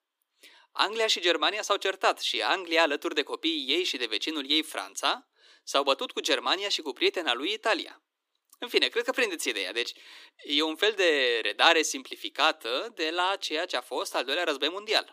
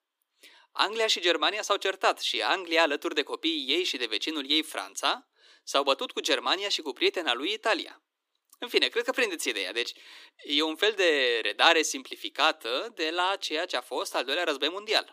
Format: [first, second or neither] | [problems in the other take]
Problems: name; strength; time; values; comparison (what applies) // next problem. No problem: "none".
neither | thin; somewhat; fading below 300 Hz; the same in both